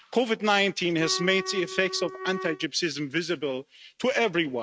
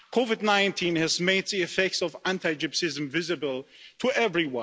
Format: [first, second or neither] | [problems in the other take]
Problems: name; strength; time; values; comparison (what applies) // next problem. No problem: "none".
second | noise reduction (neural mask model RNNoise)